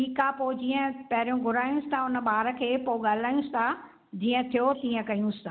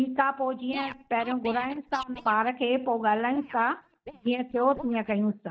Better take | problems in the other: first | noise reduction (neural mask model DeepFilterNet 3)

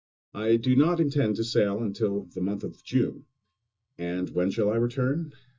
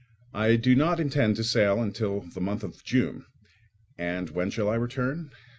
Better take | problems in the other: second | noise reduction (neural mask model DeepFilterNet 3)

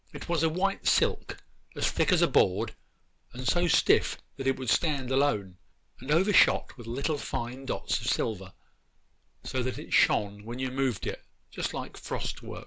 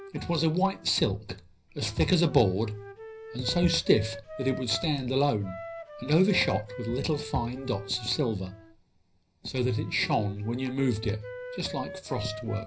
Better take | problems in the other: first | background sound (Wind instrument, woodwind instrument); 14 dB below the speech // room echo; dies away in 0.4 s

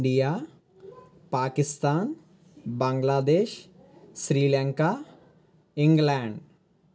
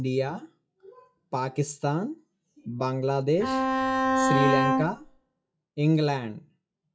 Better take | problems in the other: first | noise reduction (classical method log-MMSE)

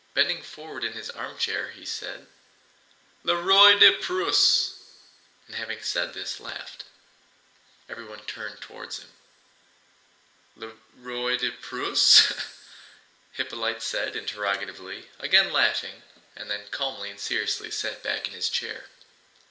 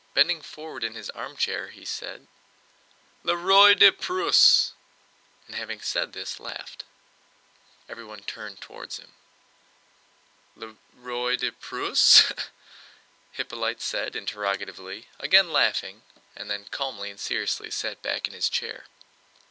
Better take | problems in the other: second | room echo; dies away in 1.7 s

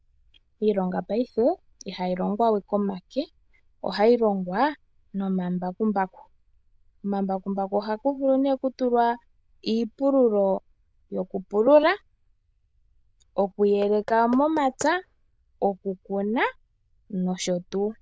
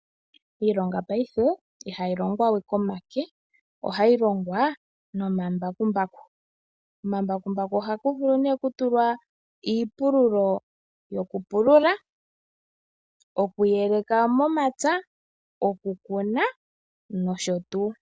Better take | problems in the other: second | noise reduction (neural diffusion model UNIVERSE++)

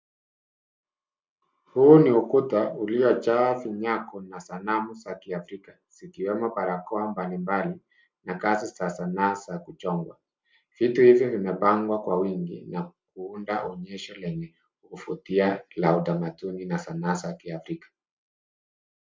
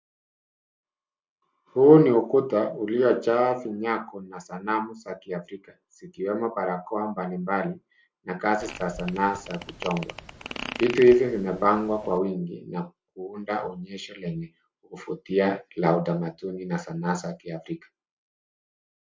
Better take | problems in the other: first | background sound (Fart); 13 dB below the speech

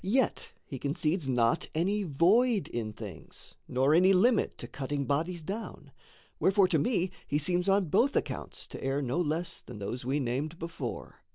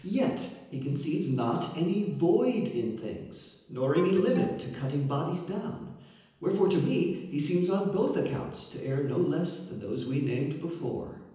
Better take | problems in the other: first | background sound (Alarm); 15 dB below the speech // room echo; dies away in 0.9 s

